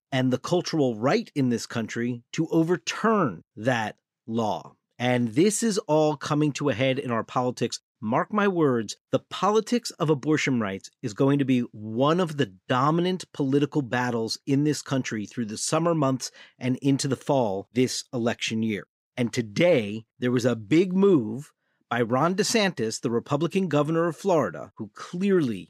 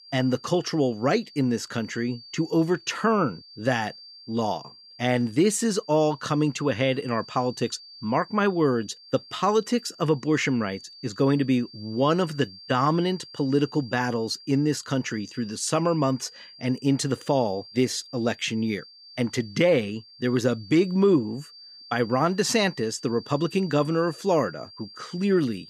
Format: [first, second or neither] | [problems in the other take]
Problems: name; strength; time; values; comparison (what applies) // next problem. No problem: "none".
first | high-pitched whine; noticeable; throughout; 4.5 kHz, 20 dB below the speech